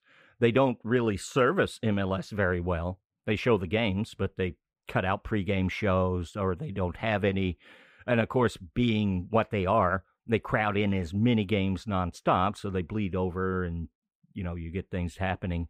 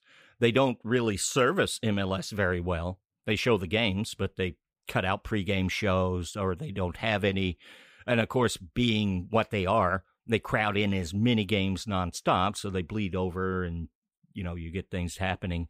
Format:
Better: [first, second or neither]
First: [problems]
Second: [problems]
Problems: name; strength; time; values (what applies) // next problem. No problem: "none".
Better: second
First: muffled; slightly; fading above 3 kHz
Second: none